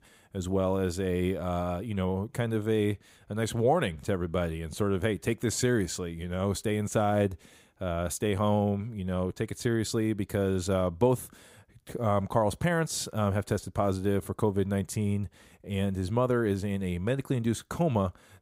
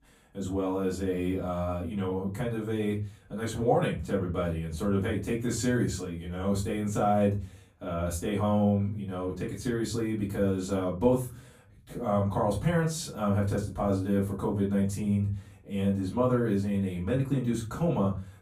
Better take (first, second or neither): first